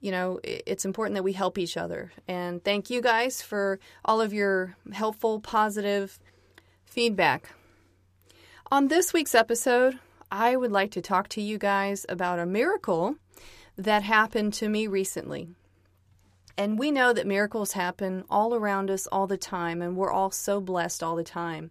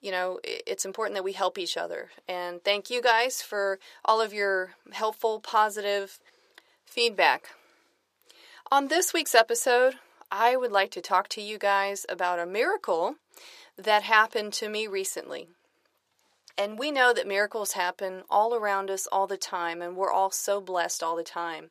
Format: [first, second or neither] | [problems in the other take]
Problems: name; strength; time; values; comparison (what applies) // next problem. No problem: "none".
first | thin; somewhat; fading below 550 Hz